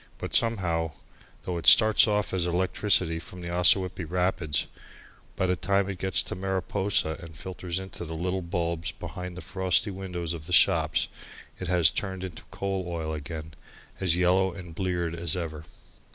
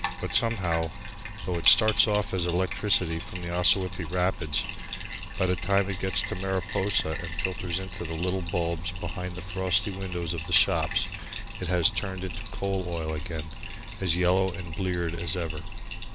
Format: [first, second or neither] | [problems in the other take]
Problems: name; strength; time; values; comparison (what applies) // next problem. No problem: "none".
first | background sound (Bathtub (filling or washing)); 6 dB below the speech